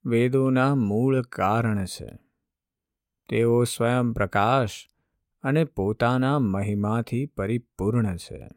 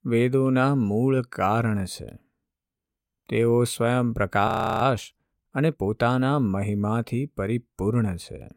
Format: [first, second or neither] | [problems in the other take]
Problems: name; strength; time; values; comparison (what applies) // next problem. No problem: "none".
first | audio freezing; at 4.5 s